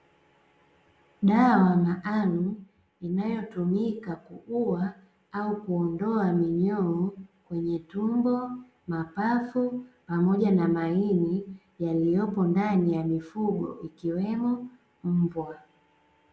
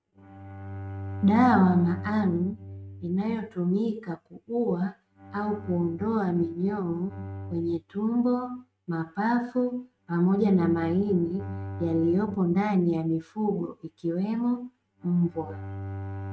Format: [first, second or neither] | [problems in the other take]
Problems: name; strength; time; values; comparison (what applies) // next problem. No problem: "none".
first | noise reduction (neural mask model RNNoise)